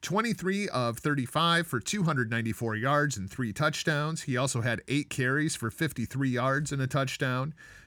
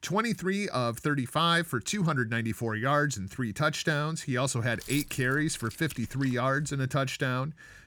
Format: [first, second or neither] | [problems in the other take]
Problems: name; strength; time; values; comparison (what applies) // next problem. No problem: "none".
first | jangling keys; noticeable; from 4.5 to 6.5 s; peak 9 dB below the speech